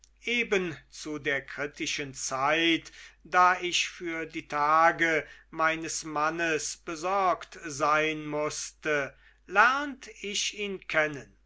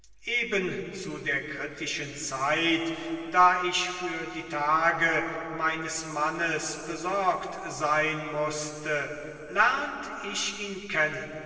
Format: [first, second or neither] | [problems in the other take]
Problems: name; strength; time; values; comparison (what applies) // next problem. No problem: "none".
first | room echo; dies away in 2.6 s